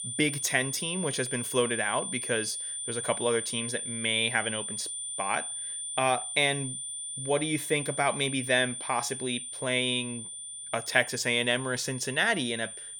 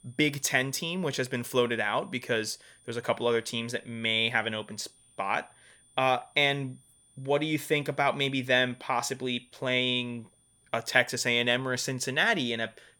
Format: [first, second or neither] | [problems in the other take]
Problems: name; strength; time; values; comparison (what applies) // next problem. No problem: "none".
second | high-pitched whine; loud; throughout; 9 kHz, 5 dB below the speech; faint in the second